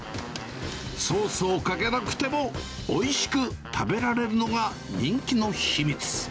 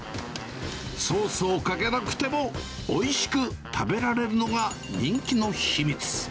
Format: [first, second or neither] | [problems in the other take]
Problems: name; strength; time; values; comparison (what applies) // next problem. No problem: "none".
first | background sound (Glass); 17 dB below the speech